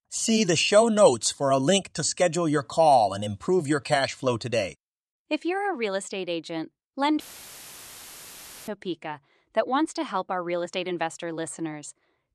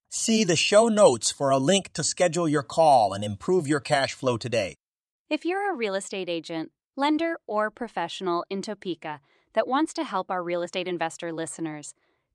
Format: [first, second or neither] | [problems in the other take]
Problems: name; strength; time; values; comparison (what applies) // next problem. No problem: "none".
second | audio cutting out; filled with static; at 7 s for 1.5 s